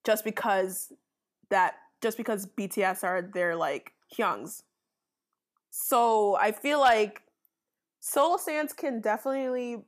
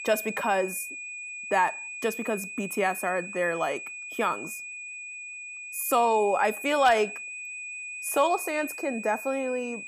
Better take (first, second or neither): first